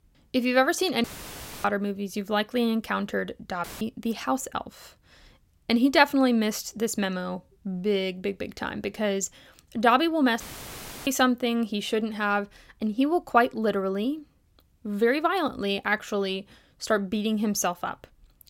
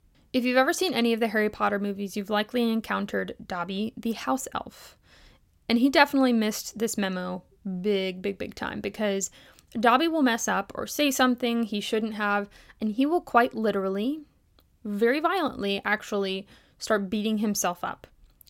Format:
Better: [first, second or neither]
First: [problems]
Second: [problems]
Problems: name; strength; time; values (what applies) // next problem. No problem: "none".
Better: second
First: audio cutting out; filled with static; at 1 s for 0.5 s, at 3.5 s and at 10 s for 0.5 s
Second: none